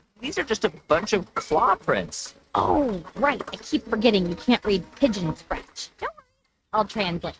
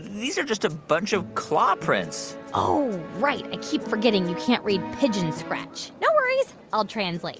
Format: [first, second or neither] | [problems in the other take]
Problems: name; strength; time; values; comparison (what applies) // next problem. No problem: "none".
second | noise reduction (neural mask model RNNoise)